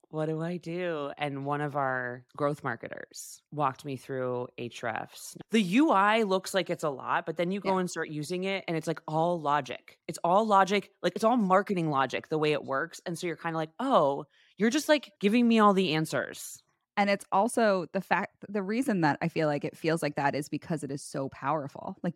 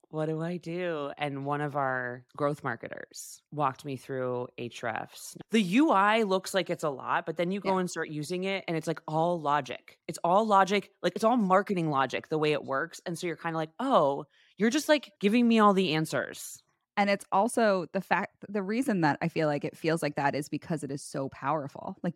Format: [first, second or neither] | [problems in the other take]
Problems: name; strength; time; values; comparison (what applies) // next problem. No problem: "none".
neither | none